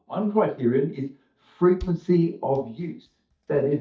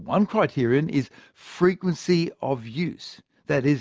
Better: second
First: noise reduction (neural mask model DeepFilterNet 3)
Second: none

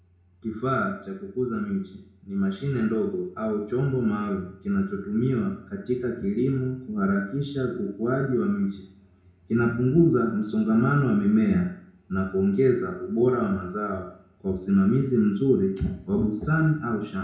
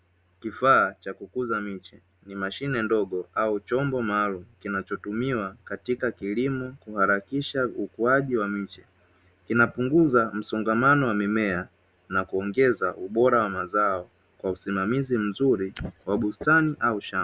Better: second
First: room echo; dies away in 0.5 s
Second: none

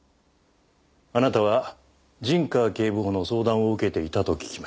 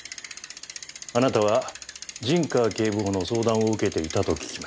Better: first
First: none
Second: background sound (Bicycle); 14 dB below the speech

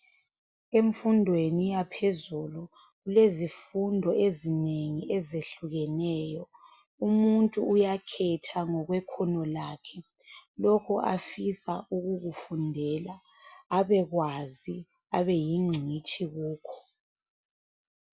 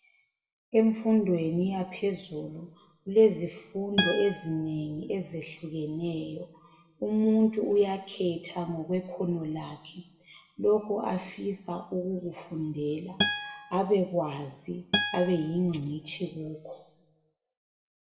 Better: first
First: none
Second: background sound (Acoustic guitar); 5 dB below the speech // room echo; dies away in 0.9 s

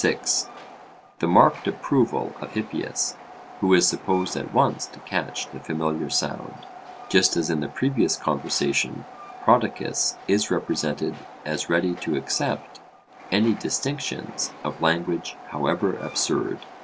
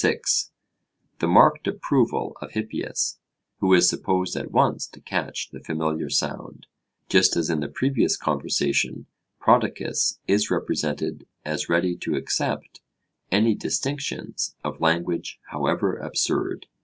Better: second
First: background sound (Train); 17 dB below the speech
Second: none

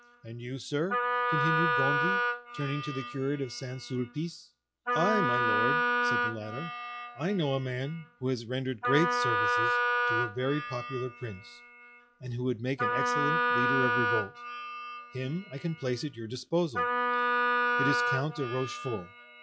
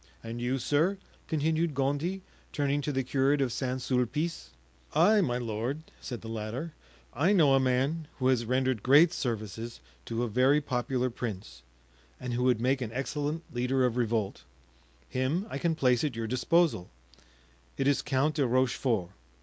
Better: second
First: noise reduction (classical method log-MMSE)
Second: none

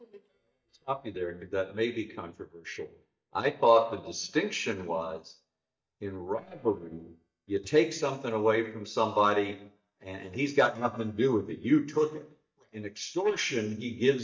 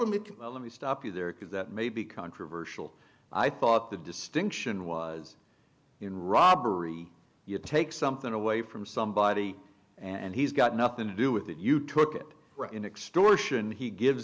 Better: second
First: noise reduction (neural mask model DeepFilterNet 3)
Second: none

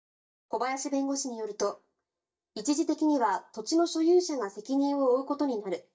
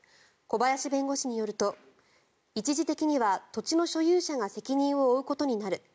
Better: second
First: noise reduction (neural mask model DeepFilterNet 3)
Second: none

